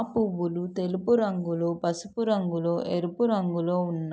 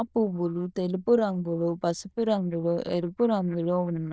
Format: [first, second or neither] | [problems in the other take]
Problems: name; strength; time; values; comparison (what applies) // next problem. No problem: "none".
first | noise reduction (neural diffusion model UNIVERSE++)